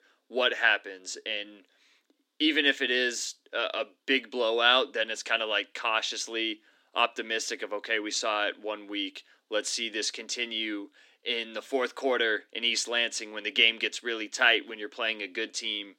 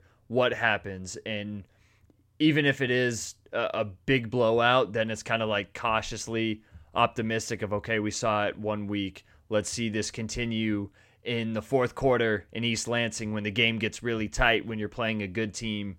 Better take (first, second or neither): second